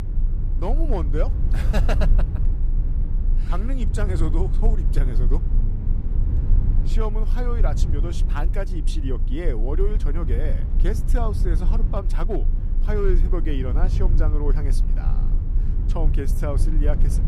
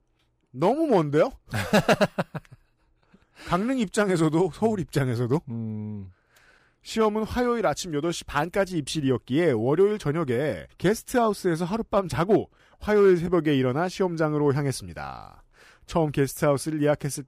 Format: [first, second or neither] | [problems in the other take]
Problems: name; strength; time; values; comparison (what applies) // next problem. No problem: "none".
second | low rumble; loud; throughout; 9 dB below the speech